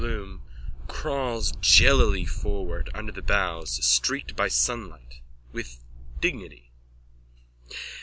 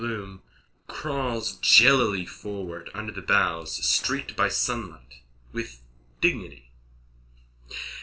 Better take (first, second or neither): first